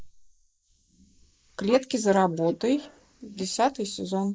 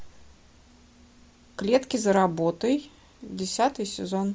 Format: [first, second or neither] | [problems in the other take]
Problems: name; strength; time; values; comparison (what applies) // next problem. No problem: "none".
second | noise reduction (neural mask model Resemble Enhance denoiser)